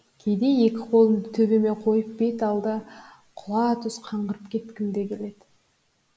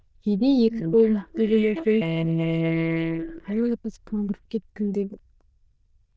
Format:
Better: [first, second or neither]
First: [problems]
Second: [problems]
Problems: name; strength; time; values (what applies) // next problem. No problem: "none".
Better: first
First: none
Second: noise reduction (neural diffusion model UNIVERSE++)